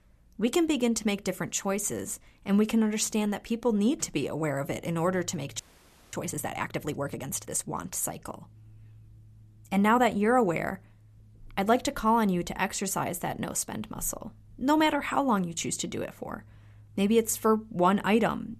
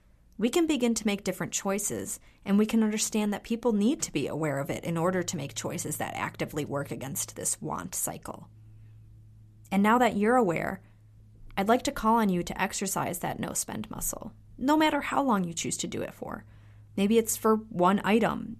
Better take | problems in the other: second | audio freezing; at 5.5 s for 0.5 s

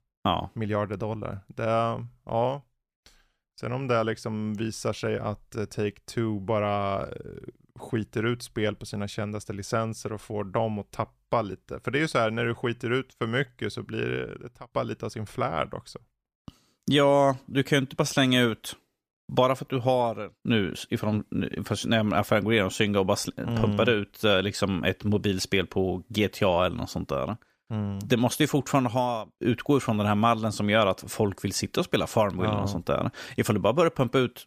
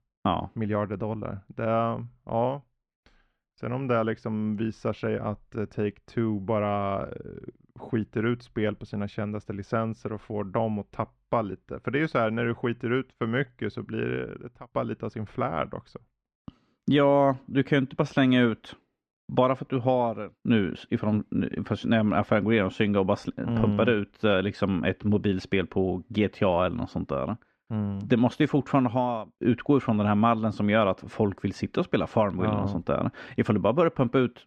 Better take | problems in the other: first | muffled; slightly; fading above 2.5 kHz

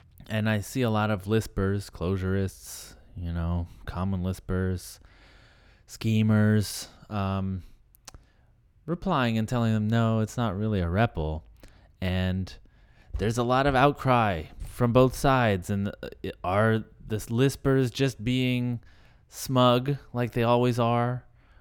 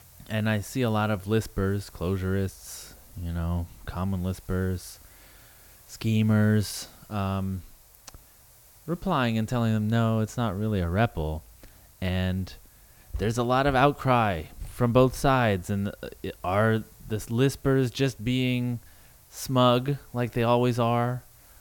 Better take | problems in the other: first | hiss; faint; throughout; 25 dB below the speech

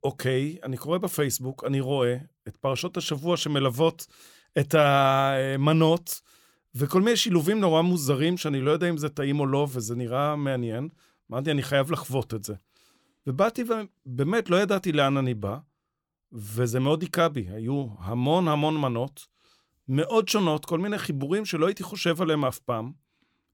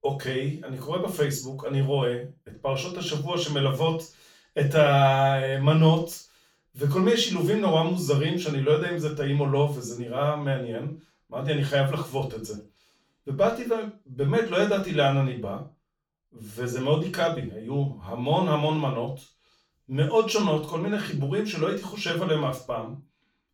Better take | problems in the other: first | room echo; noticeable; dies away in 0.3 s // off-mic speech; far

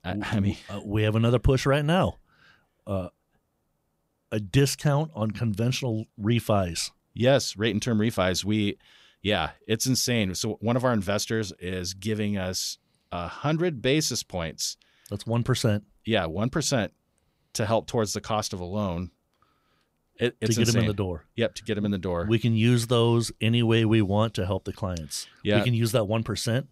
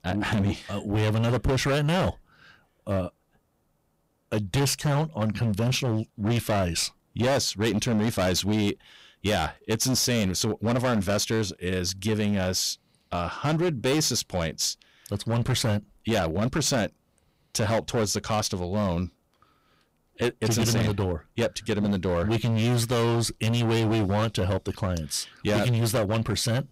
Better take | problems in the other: first | distortion; heavy; 16% of the sound clipped

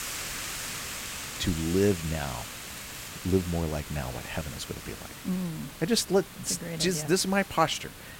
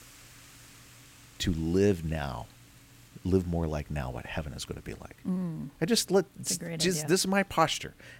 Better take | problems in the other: second | hiss; loud; throughout; 9 dB below the speech; faint in the second

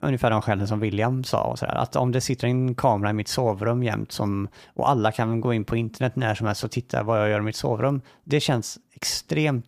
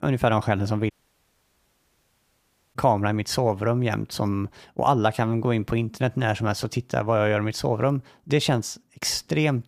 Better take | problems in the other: first | audio cutting out; at 1 s for 2 s

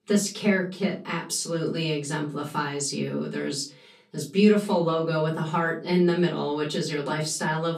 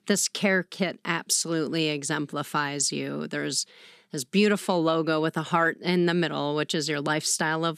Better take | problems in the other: second | off-mic speech; far // room echo; slight; dies away in 0.3 s

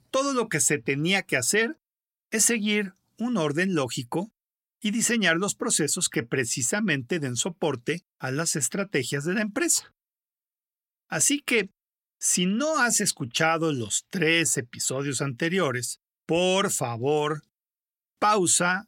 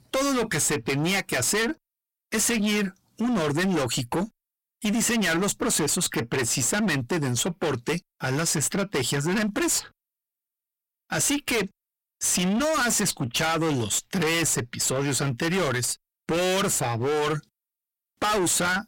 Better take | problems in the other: first | distortion; heavy; 29% of the sound clipped

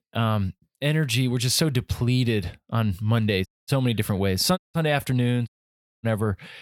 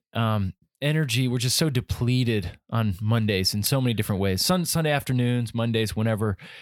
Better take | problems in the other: second | audio cutting out; at 3.5 s, at 4.5 s and at 5.5 s for 0.5 s

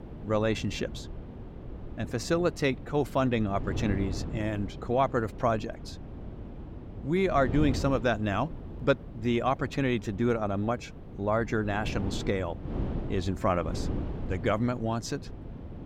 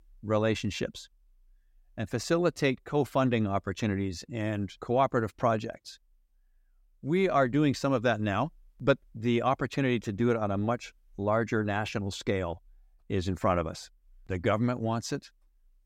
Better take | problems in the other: second | wind noise on the microphone; occasional gusts; 15 dB below the speech

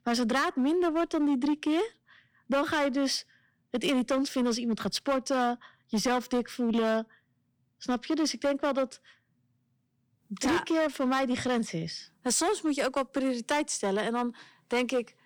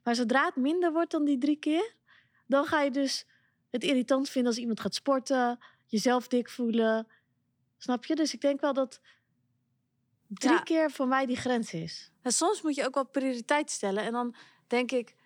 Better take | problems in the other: second | distortion; slight; 11% of the sound clipped

